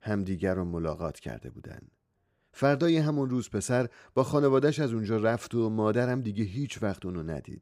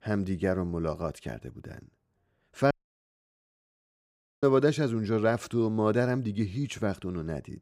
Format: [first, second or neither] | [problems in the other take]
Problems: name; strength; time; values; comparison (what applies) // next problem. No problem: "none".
first | audio cutting out; at 2.5 s for 1.5 s